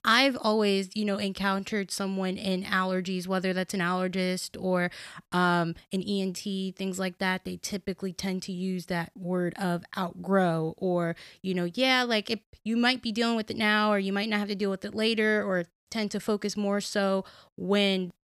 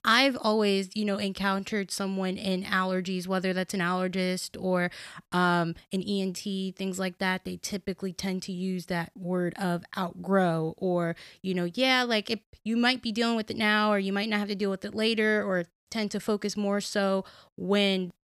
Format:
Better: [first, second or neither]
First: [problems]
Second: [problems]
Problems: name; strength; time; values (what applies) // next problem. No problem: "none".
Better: neither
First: none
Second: none